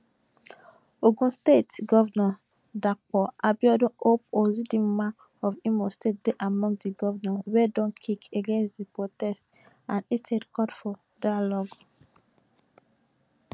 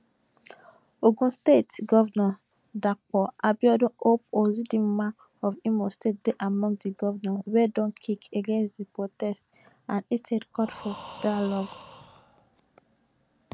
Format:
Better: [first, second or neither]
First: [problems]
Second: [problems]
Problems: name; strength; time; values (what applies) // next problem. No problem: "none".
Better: first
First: none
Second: background sound (Breathing); 19 dB below the speech